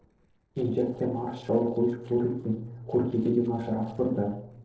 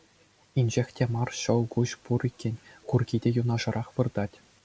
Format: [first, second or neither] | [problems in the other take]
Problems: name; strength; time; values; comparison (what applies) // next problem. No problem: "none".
second | noise reduction (neural separator model SepFormer DNS4)